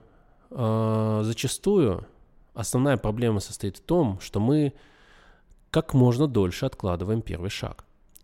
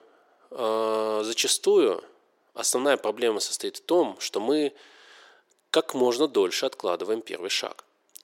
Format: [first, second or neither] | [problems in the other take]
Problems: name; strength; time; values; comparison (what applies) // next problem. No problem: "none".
first | thin; very; fading below 350 Hz